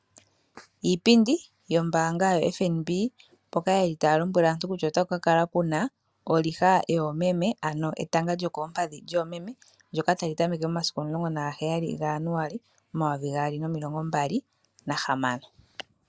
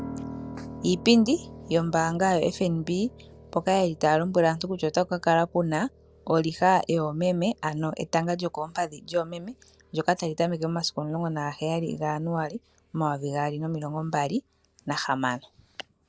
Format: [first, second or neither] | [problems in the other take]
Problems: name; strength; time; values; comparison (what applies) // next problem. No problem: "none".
first | background sound (Piano); 20 dB below the speech